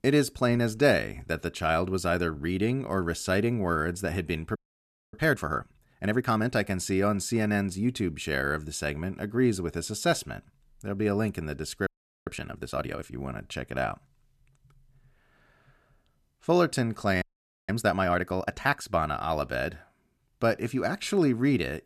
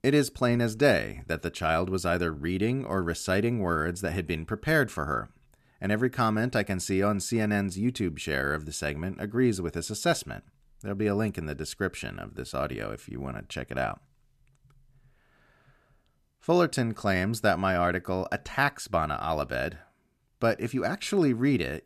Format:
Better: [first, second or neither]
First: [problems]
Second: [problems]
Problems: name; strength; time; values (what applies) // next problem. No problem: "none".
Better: second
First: audio freezing; at 4.5 s for 0.5 s, at 12 s and at 17 s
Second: none